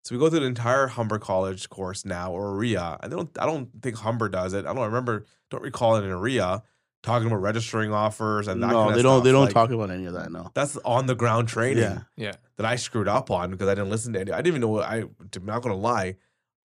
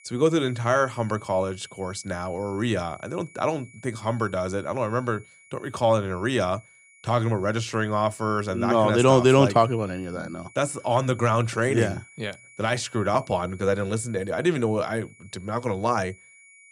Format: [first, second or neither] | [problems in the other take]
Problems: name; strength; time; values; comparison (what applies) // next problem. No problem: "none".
first | high-pitched whine; faint; throughout; 2.5 kHz, 25 dB below the speech